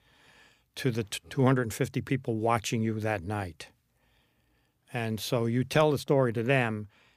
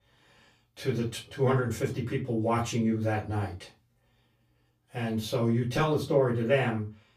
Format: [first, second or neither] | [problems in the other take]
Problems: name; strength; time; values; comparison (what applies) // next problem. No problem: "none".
first | off-mic speech; far // room echo; slight; dies away in 0.2 s